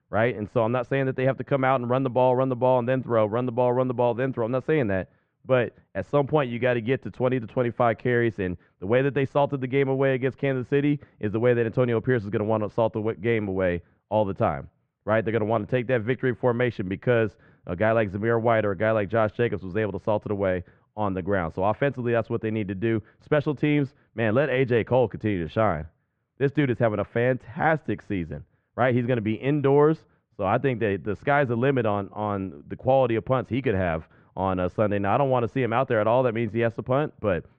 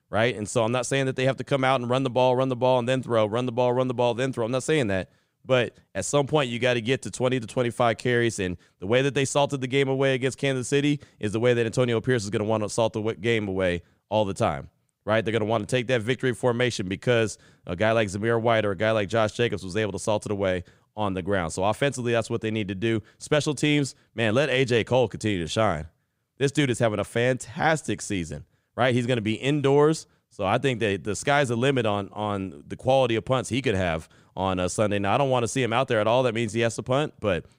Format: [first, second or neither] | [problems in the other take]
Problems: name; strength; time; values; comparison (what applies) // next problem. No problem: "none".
second | muffled; very; fading above 2 kHz